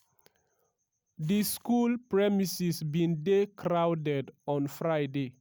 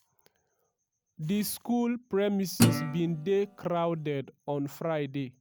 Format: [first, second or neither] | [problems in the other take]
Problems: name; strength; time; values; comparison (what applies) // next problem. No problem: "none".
first | background sound (Guitar); 1 dB above the speech